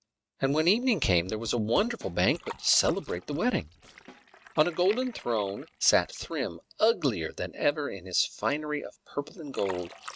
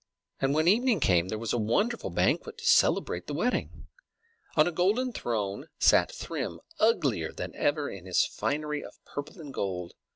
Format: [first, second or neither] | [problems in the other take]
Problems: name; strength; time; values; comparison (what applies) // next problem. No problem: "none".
second | noise reduction (neural mask model RNNoise)